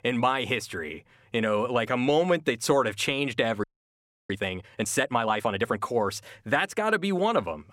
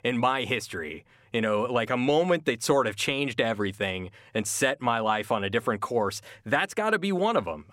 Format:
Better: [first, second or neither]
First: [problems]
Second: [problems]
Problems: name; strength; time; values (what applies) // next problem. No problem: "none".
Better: second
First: audio freezing; at 3.5 s for 0.5 s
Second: none